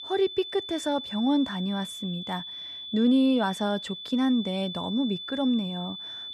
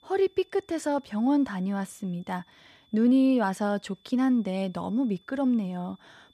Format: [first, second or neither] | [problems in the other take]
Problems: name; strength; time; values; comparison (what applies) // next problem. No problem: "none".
second | high-pitched whine; loud; throughout; 3.5 kHz, 9 dB below the speech; faint in the second